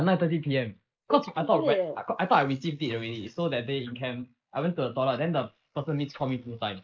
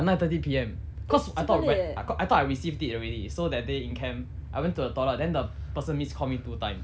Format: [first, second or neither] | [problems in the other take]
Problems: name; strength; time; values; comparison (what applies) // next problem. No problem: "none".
second | noise reduction (neural mask model Resemble Enhance denoiser)